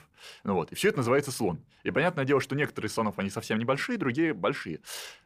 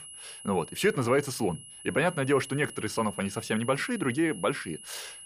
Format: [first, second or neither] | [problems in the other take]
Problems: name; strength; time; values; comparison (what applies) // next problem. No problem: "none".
first | high-pitched whine; noticeable; throughout; 10.5 kHz, 15 dB below the speech